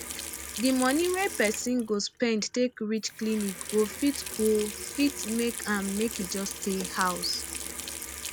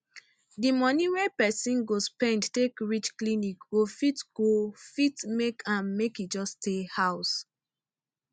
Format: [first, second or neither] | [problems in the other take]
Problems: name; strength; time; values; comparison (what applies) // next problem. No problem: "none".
second | background sound (Sink (filling or washing) / Water tap, faucet); 9 dB below the speech